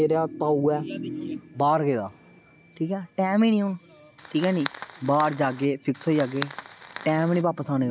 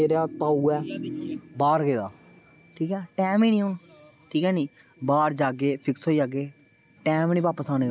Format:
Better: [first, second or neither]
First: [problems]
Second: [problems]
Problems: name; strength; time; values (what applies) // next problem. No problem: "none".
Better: second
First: background sound (Fire); 14 dB below the speech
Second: none